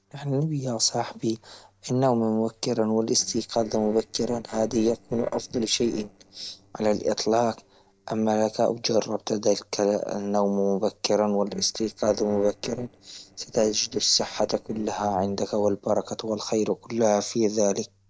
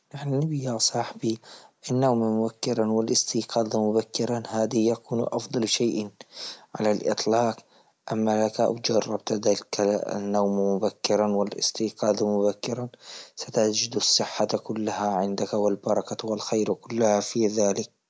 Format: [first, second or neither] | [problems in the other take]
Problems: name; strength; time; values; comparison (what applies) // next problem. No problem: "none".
second | noise reduction (neural separator model SepFormer DNS4)